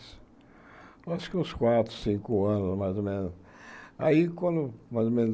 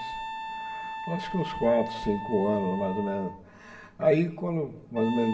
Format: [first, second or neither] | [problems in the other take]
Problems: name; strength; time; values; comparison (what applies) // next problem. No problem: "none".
first | background sound (Wind instrument, woodwind instrument); 9 dB below the speech // room echo; dies away in 2 s